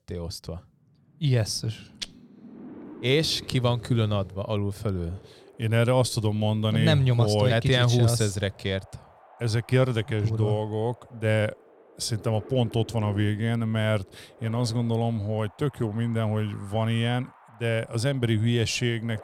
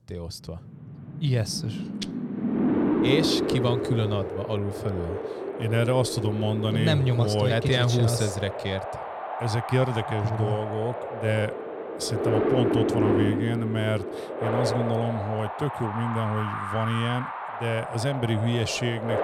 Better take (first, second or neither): first